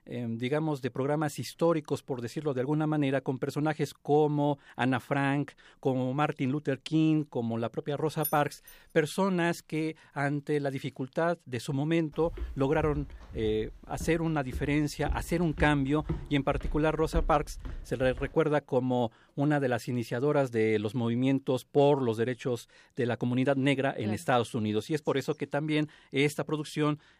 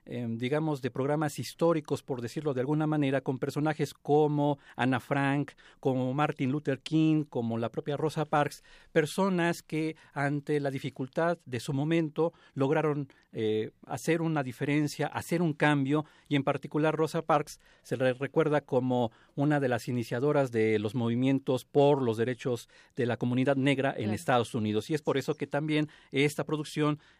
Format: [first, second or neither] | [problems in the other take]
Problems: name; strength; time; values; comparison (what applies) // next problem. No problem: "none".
second | jangling keys; noticeable; at 8 s; peak 7 dB below the speech // footsteps; noticeable; from 12 to 18 s; peak 7 dB below the speech